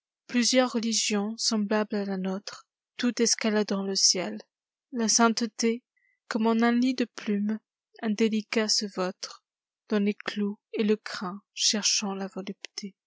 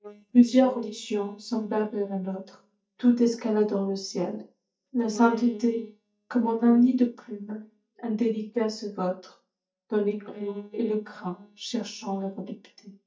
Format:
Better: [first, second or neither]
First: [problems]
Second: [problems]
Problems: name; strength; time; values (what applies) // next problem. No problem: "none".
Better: first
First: none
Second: noise reduction (neural mask model DeepFilterNet 3)